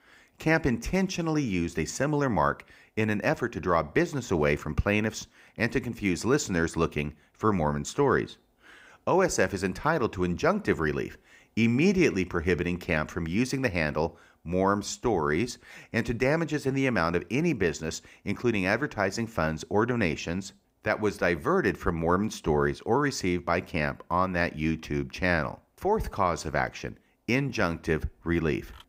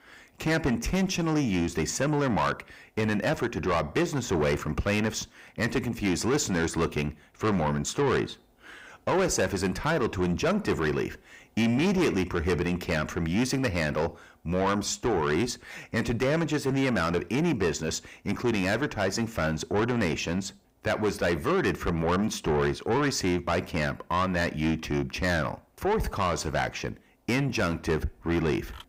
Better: first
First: none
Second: distortion; heavy; 7 dB below the speech

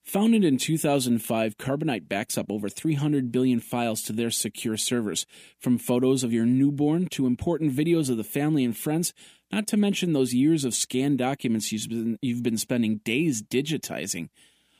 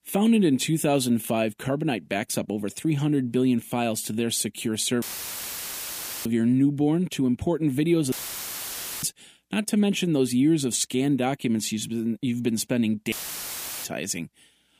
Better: first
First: none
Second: audio cutting out; filled with static; at 5 s for 1 s, at 8 s for 1 s and at 13 s for 0.5 s

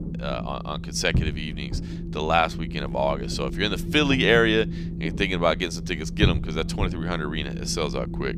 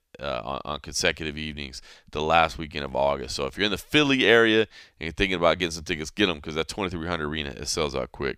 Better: second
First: low rumble; noticeable; throughout; 15 dB below the speech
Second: none

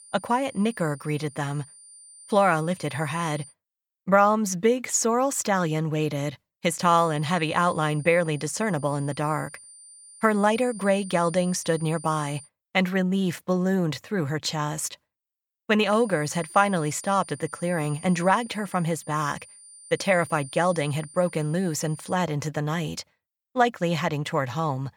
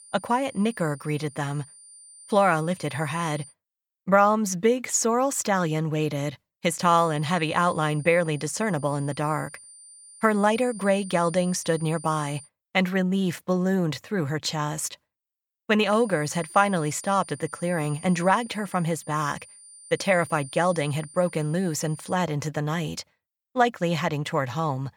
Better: neither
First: high-pitched whine; noticeable; until 3.5 s, from 7 to 12 s and from 16 to 22 s; 9 kHz, 20 dB below the speech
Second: high-pitched whine; noticeable; until 3.5 s, from 7 to 12 s and from 16 to 22 s; 9 kHz, 20 dB below the speech

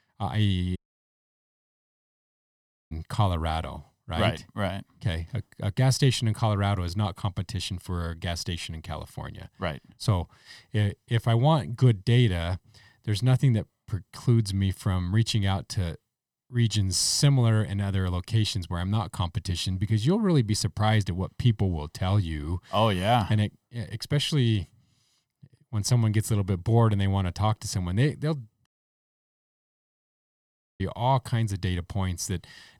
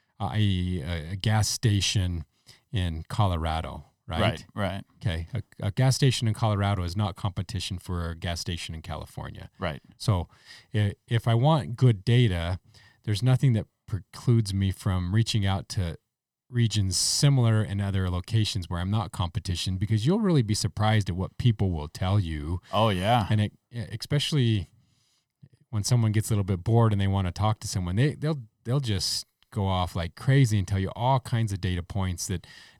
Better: second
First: audio cutting out; at 1 s for 2 s and at 29 s for 2 s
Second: none

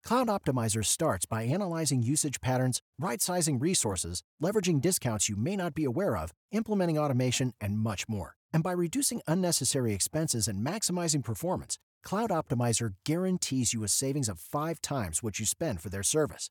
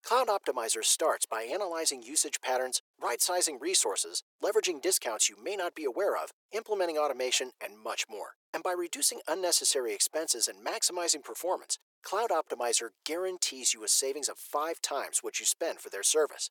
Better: first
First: none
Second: thin; very; fading below 400 Hz

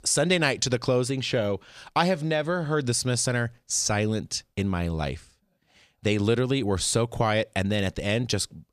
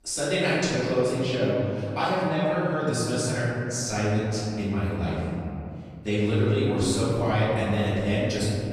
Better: first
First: none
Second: off-mic speech; far // room echo; strong; dies away in 2.7 s

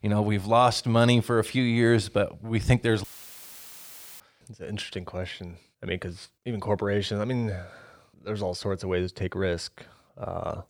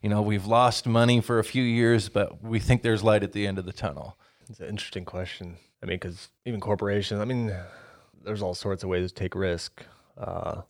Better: second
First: audio cutting out; filled with static; at 3 s for 1 s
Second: none

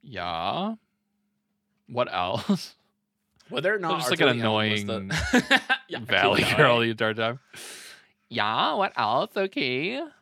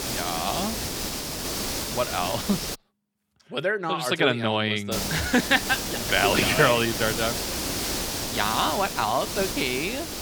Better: first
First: none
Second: hiss; loud; until 3 s and from 5 s on; 4 dB below the speech

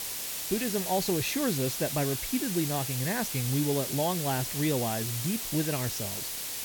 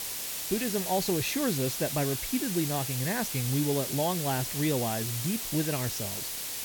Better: neither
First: hiss; loud; throughout; 1 dB below the speech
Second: hiss; loud; throughout; 1 dB below the speech

